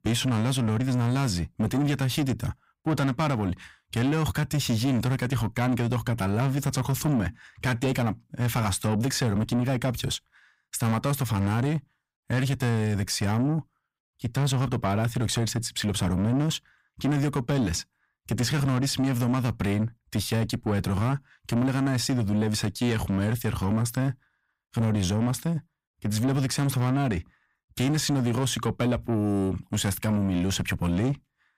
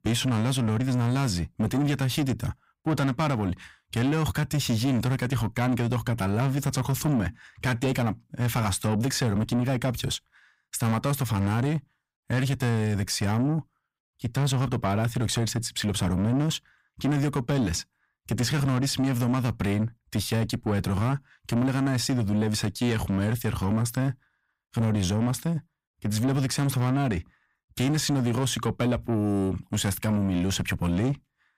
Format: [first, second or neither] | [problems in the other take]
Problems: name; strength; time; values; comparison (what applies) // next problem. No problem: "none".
neither | distortion; slight; 10 dB below the speech; the same in both